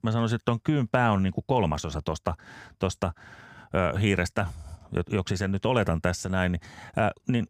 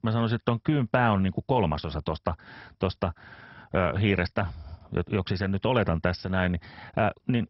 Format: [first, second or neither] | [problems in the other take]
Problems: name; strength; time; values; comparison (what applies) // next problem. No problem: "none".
first | garbled, watery; badly; nothing above 5.5 kHz